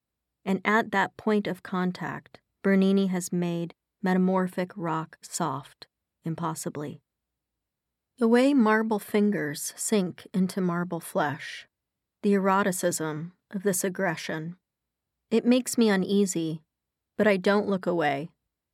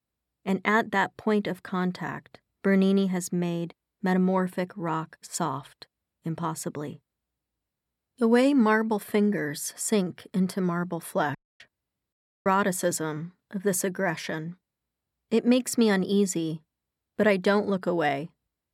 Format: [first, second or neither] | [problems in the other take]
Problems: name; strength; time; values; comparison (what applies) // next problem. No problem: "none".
first | audio cutting out; at 11 s and at 12 s